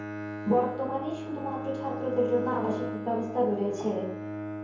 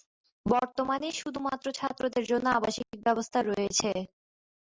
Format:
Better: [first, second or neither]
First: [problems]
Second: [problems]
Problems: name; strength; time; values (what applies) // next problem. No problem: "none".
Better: second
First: background sound (Bowed string instrument); 7 dB below the speech // room echo; dies away in 0.7 s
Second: none